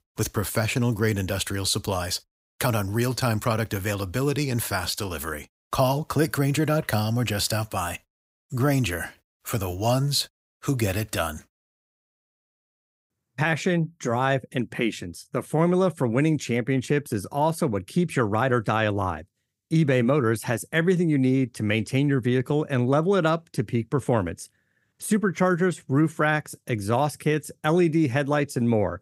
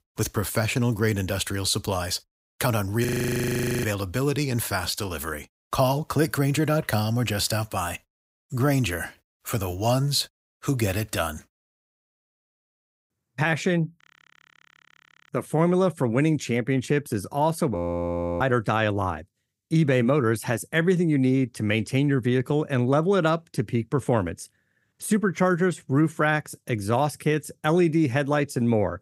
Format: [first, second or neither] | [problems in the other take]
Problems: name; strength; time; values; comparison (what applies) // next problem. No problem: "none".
first | audio freezing; at 3 s for 1 s, at 14 s for 1.5 s and at 18 s for 0.5 s